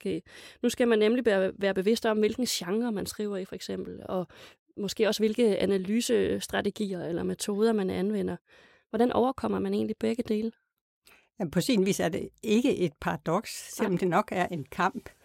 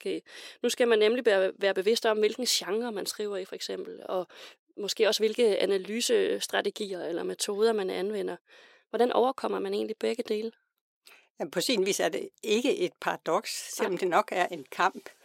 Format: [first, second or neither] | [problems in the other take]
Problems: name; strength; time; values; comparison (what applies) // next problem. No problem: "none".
first | thin; somewhat; fading below 400 Hz